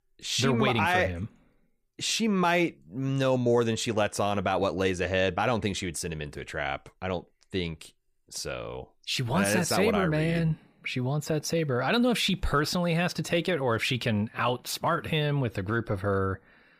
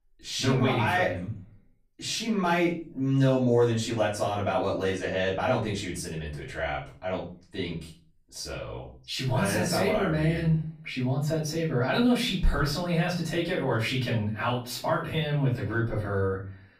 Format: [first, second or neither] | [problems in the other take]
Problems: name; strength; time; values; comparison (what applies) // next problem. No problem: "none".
first | off-mic speech; far // room echo; slight; dies away in 0.4 s